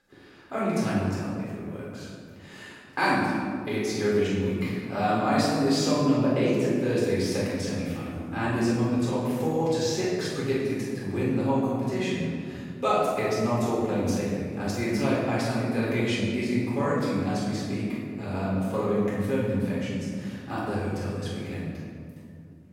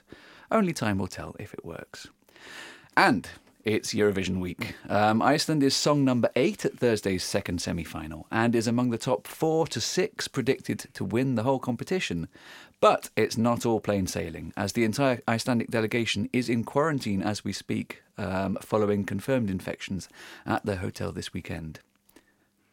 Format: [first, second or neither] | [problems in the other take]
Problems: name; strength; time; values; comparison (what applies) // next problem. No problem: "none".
second | off-mic speech; far // room echo; strong; dies away in 2.1 s